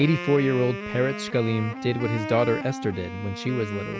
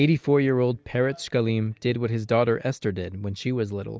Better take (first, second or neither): second